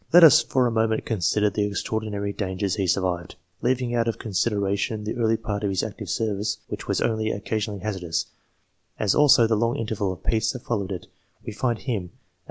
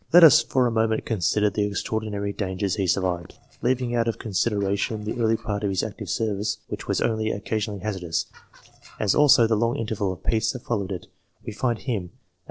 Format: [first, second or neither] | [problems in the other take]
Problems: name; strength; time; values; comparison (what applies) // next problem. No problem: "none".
first | noise reduction (neural separator model SepFormer DNS4)